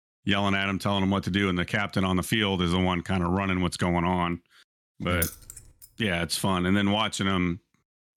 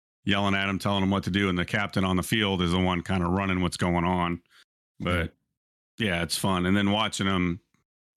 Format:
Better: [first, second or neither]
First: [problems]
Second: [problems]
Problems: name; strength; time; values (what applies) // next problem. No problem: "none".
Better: second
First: jangling keys; noticeable; at 5 s; peak 6 dB below the speech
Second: none